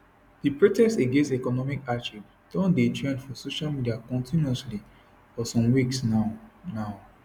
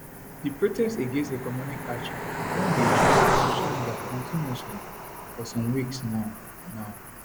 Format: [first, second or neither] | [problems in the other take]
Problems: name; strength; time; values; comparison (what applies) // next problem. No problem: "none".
first | background sound (Cricket); 3 dB above the speech